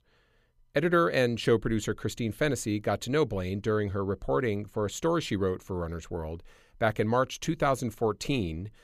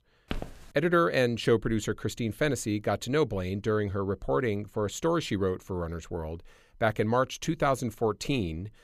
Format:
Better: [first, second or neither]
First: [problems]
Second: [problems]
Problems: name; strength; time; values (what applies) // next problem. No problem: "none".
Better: first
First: none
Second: footsteps; faint; at 0.5 s; peak 10 dB below the speech